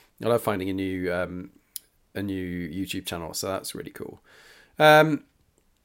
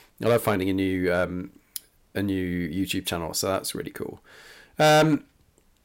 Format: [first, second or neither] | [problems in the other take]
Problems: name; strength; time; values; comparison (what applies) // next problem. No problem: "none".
first | distortion; heavy; 3% of the sound clipped